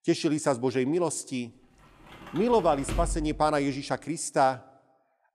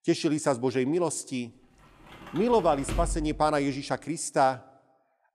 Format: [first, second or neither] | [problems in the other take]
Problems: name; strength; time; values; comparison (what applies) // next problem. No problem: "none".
neither | door banging; noticeable; from 2 to 3.5 s; peak 6 dB below the speech; the same in both